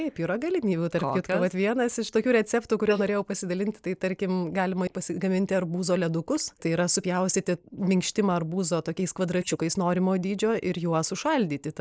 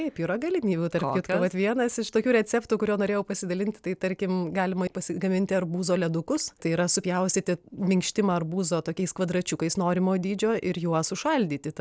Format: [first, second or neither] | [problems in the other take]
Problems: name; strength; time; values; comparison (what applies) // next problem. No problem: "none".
second | noise reduction (neural mask model Resemble Enhance denoiser)